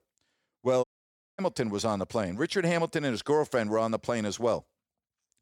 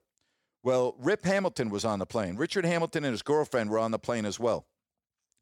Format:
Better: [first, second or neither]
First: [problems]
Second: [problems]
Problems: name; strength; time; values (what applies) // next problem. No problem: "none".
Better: second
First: audio cutting out; at 1 s for 0.5 s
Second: none